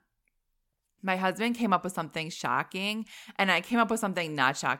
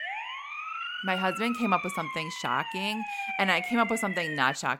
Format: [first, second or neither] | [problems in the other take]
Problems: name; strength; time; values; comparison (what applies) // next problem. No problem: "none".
first | siren; noticeable; peak 4 dB below the speech